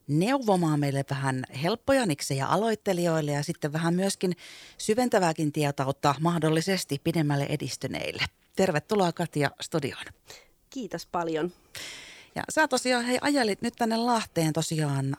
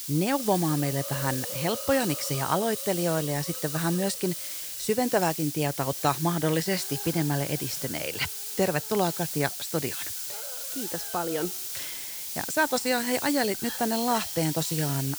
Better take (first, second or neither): first